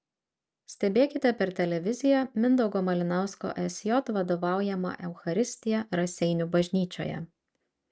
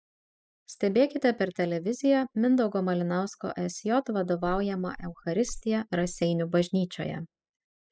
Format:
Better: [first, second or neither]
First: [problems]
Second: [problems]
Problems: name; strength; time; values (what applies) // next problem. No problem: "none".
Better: first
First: none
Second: noise reduction (classical method spectral subtraction)